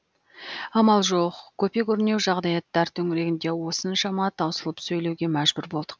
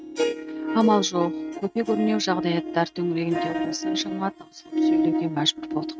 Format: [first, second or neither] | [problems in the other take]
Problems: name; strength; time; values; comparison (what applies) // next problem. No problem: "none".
first | noise reduction (neural mask model RNNoise)